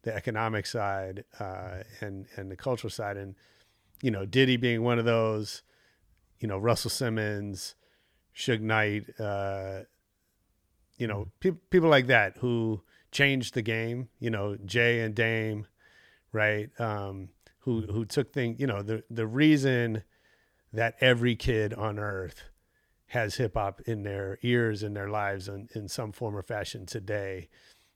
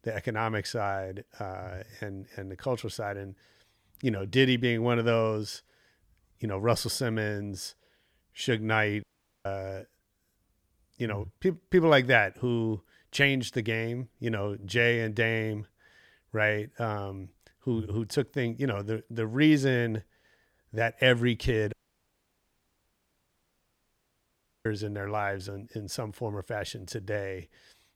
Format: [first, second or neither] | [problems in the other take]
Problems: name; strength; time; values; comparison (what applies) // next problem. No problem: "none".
first | audio cutting out; at 9 s and at 22 s for 3 s